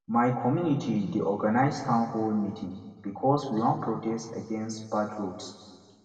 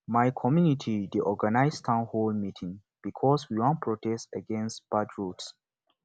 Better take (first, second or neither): second